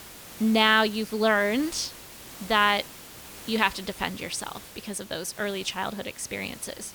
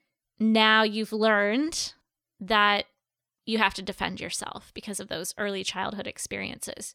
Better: second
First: hiss; noticeable; throughout; 15 dB below the speech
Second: none

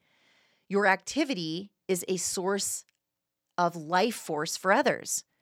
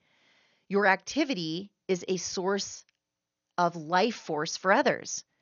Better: first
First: none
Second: garbled, watery; slightly; nothing above 6.5 kHz

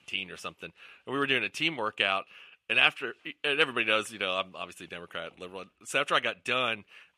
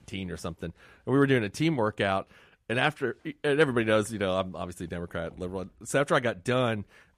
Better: second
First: thin; somewhat; fading below 500 Hz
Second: none

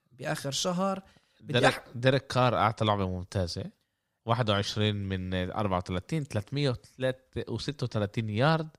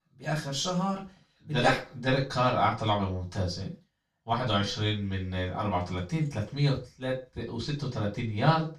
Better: first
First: none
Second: room echo; slight; dies away in 0.2 s // off-mic speech; far

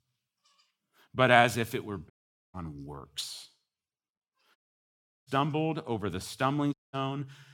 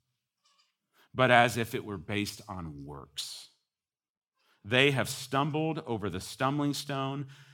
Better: second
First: audio cutting out; at 2 s, at 4.5 s for 0.5 s and at 6.5 s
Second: none

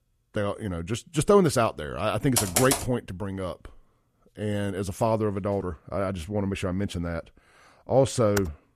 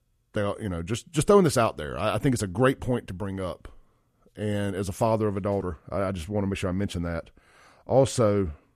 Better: second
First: keyboard typing; loud; at 2.5 s; peak 2 dB above the speech // keyboard typing; very faint; at 8.5 s; peak 9 dB below the speech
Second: none

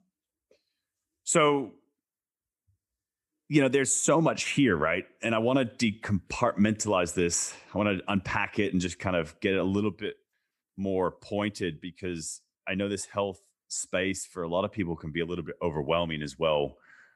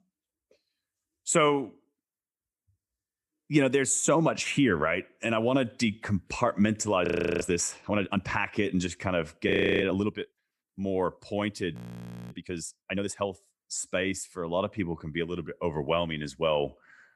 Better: first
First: none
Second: audio freezing; at 7 s, at 9.5 s and at 12 s for 0.5 s

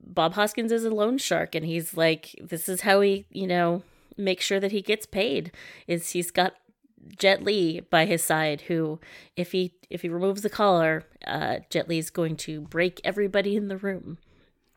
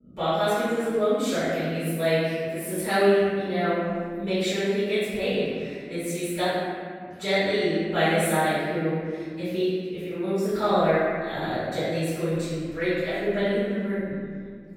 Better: first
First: none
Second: off-mic speech; far // room echo; strong; dies away in 1.9 s

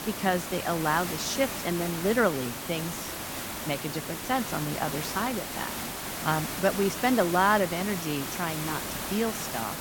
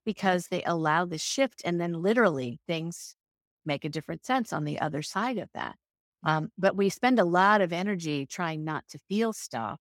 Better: second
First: hiss; loud; throughout; 5 dB below the speech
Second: none

